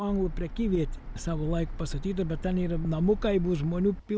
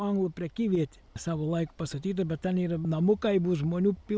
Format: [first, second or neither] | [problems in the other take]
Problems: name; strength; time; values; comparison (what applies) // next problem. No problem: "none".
second | background sound (Car); 6 dB below the speech